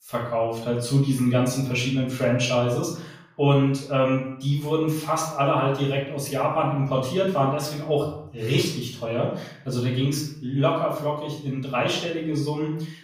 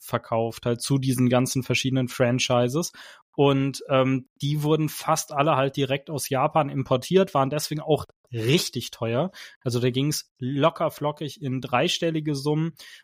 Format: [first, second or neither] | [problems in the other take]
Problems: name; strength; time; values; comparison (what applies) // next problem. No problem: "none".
second | off-mic speech; far // room echo; noticeable; dies away in 0.6 s